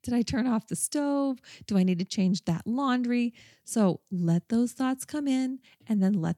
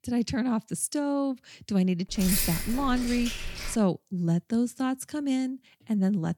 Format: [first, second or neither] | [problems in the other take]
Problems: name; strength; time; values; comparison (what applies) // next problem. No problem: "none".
first | jangling keys; loud; from 2 to 4 s; peak 2 dB above the speech